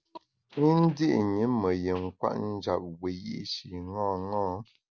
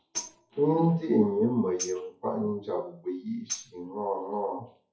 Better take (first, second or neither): first